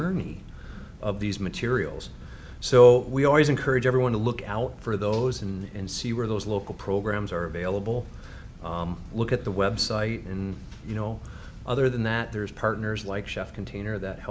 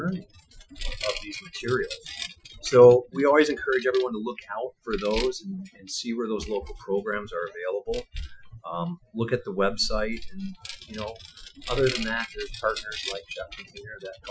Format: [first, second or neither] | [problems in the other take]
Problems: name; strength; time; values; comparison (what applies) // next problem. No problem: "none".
first | noise reduction (classical method Wiener filter)